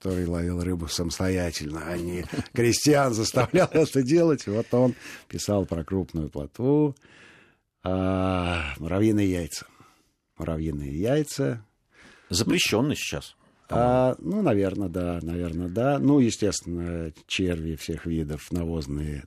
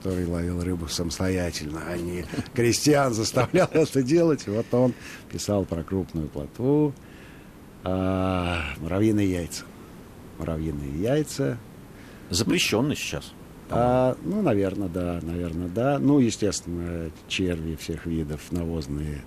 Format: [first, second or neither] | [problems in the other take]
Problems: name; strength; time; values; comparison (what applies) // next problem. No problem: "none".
first | hiss; faint; throughout; 20 dB below the speech